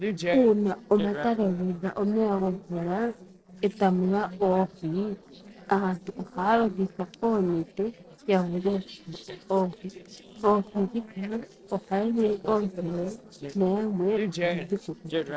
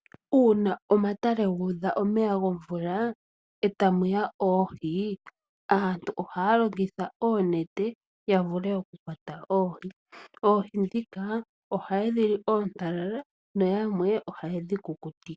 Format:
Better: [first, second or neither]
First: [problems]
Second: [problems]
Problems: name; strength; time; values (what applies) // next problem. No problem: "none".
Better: second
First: noise reduction (neural separator model SepFormer DNS4)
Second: none